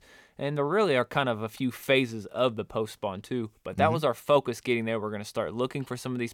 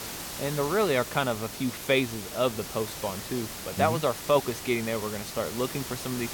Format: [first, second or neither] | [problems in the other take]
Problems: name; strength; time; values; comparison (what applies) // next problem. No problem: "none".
first | hiss; loud; throughout; 8 dB below the speech